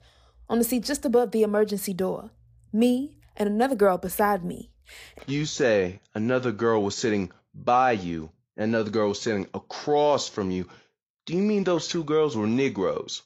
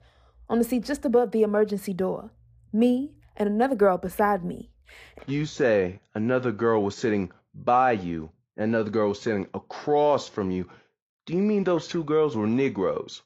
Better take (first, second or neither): first